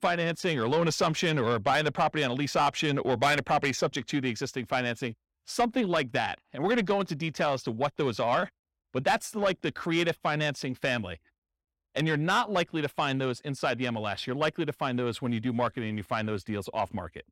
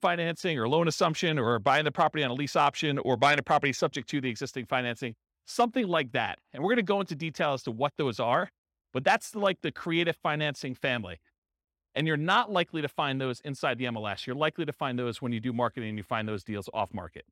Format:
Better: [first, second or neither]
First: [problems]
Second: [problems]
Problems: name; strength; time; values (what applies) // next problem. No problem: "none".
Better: second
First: distortion; slight; 10 dB below the speech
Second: none